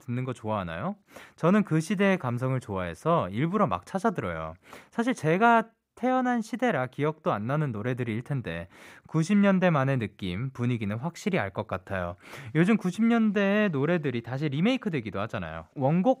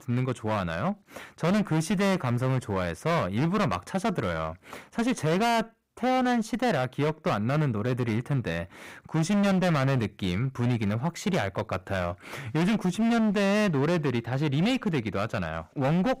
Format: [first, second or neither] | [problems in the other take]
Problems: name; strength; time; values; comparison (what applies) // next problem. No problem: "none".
first | distortion; heavy; 23% of the sound clipped